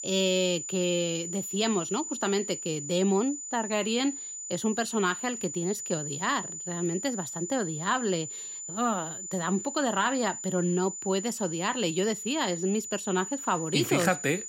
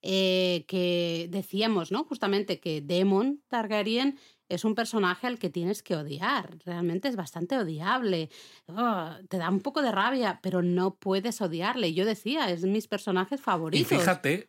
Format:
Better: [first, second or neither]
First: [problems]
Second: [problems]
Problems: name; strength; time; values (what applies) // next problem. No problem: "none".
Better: second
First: high-pitched whine; loud; throughout; 7 kHz, 6 dB below the speech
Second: none